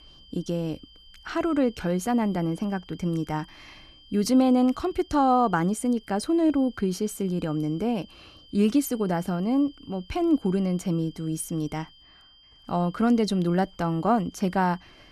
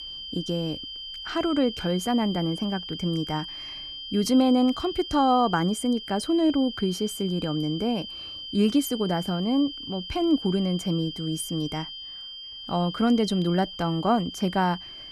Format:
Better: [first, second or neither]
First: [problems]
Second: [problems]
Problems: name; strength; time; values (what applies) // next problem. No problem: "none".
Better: first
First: high-pitched whine; faint; throughout; 3 kHz, 25 dB below the speech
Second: high-pitched whine; loud; throughout; 3 kHz, 10 dB below the speech